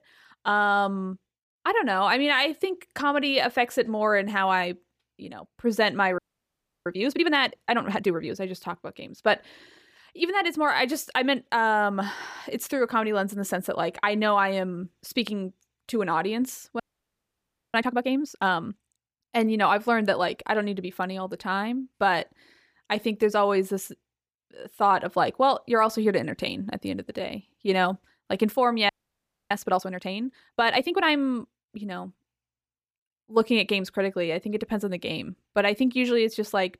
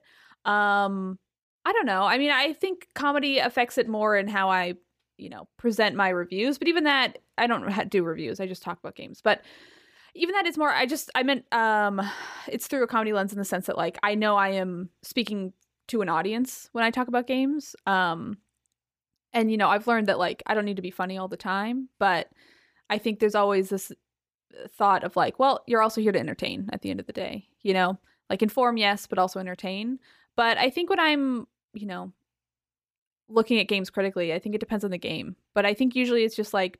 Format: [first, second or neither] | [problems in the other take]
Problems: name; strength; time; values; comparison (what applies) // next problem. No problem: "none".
second | audio freezing; at 6 s for 0.5 s, at 17 s for 1 s and at 29 s for 0.5 s